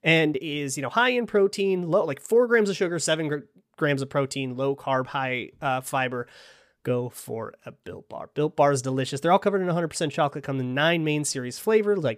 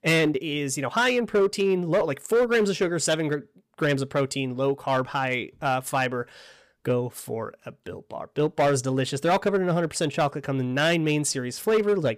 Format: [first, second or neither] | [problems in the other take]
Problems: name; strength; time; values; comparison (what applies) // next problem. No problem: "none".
first | distortion; slight; 6% of the sound clipped